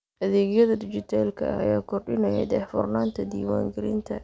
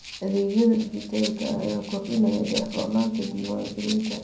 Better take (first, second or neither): first